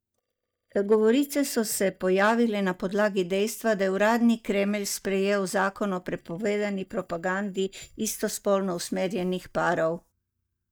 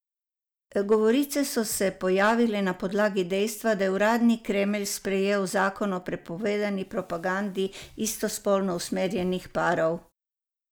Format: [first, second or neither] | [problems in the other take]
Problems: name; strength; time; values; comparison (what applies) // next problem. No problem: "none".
second | noise reduction (neural mask model DeepFilterNet 3)